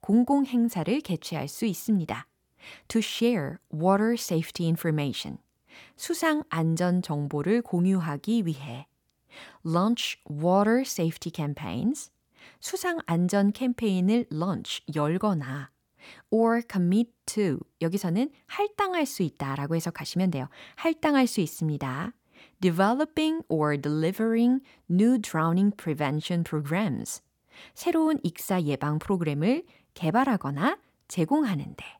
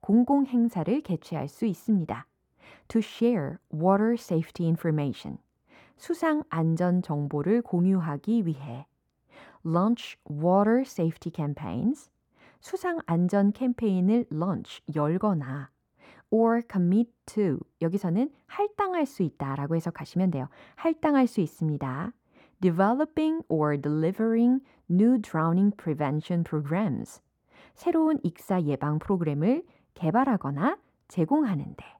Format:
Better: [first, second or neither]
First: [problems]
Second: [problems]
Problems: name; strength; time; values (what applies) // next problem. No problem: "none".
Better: first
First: none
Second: muffled; slightly; fading above 2 kHz